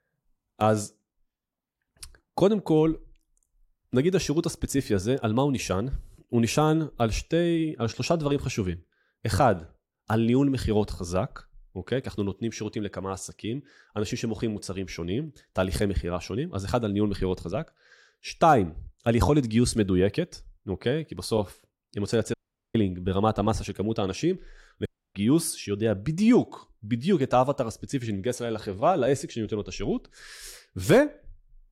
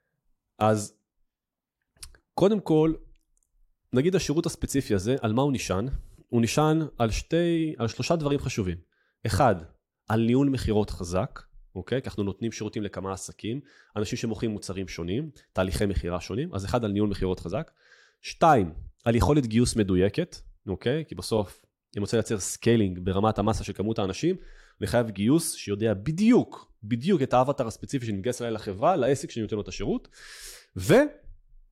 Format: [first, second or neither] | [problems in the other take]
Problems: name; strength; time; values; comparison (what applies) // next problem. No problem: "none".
second | audio cutting out; at 22 s and at 25 s